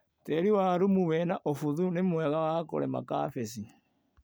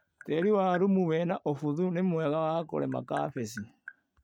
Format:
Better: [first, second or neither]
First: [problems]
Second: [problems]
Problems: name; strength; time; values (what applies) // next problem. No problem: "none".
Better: first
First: none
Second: noise reduction (neural mask model RNNoise)